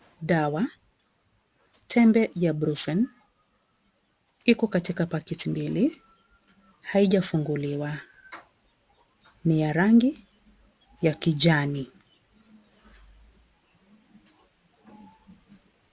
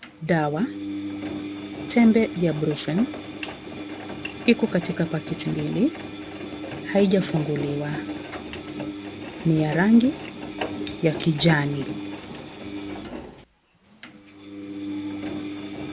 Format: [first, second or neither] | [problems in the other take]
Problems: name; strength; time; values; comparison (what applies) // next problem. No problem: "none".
first | background sound (Engine); 8 dB below the speech